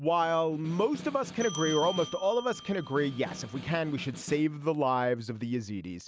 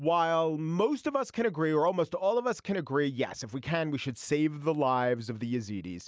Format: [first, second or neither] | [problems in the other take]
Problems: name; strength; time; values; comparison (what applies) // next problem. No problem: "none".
second | background sound (Bell + Snare drum); 13 dB below the speech